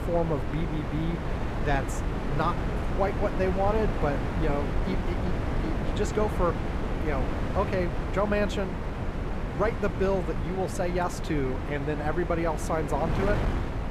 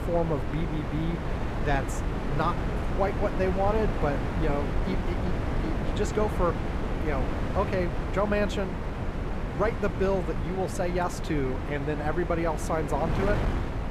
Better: neither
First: wind noise on the microphone; heavy; 5 dB below the speech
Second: wind noise on the microphone; heavy; 5 dB below the speech

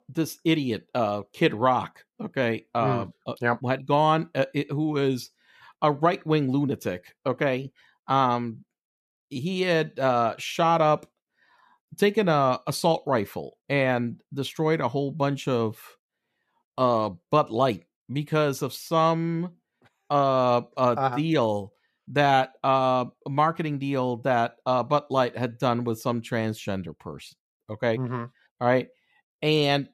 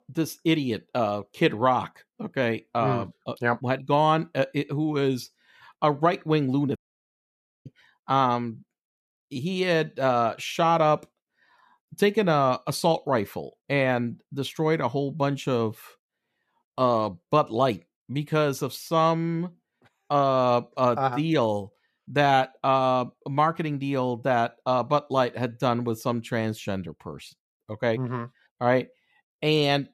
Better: first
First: none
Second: audio cutting out; at 7 s for 1 s

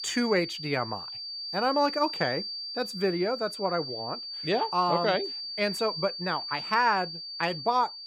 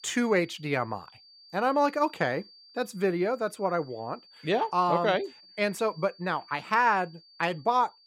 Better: second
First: high-pitched whine; loud; throughout; 4.5 kHz, 6 dB below the speech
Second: high-pitched whine; faint; throughout; 4.5 kHz, 25 dB below the speech

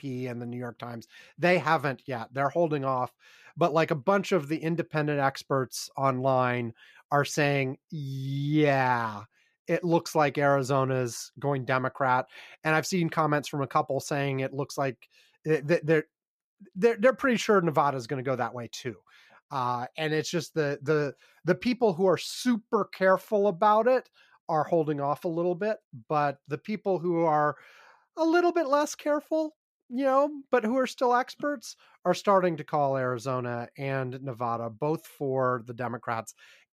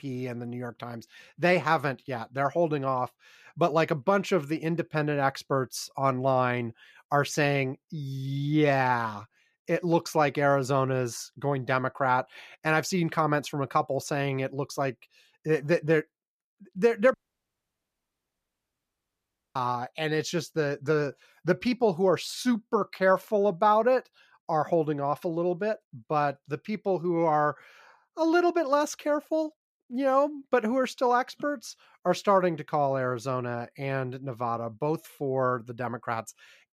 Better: first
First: none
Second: audio cutting out; at 17 s for 2.5 s

